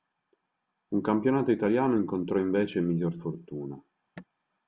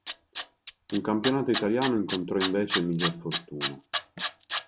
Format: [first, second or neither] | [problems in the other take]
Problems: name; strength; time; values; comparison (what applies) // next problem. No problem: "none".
first | background sound (Tools); 5 dB below the speech